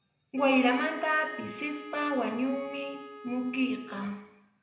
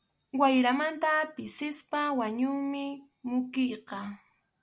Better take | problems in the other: second | background sound (Wind instrument, woodwind instrument); 15 dB below the speech // room echo; dies away in 0.8 s

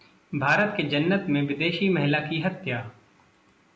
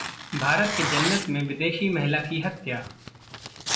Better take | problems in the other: first | background sound (Tearing); 5 dB below the speech // room echo; dies away in 0.3 s

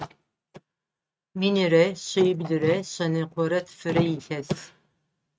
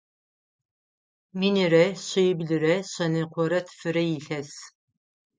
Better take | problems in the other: second | noise reduction (neural mask model RNNoise)

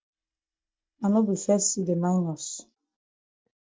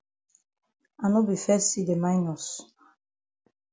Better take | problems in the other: second | noise reduction (neural mask model DeepFilterNet 3)

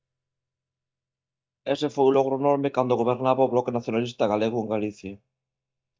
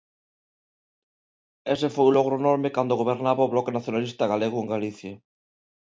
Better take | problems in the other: second | noise reduction (neural mask model DeepFilterNet 3)

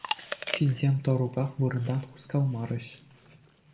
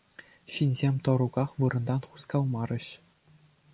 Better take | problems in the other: second | background sound (Chewing, mastication); 12 dB below the speech // room echo; dies away in 1.1 s

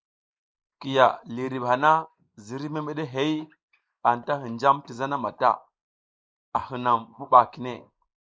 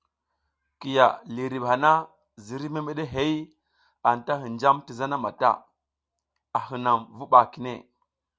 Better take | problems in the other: second | noise reduction (neural mask model Resemble Enhance denoiser)

